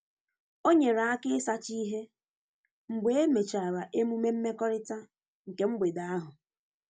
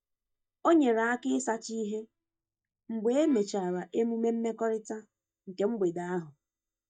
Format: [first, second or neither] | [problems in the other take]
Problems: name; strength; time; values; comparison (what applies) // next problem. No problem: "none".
first | noise reduction (neural mask model DeepFilterNet 3)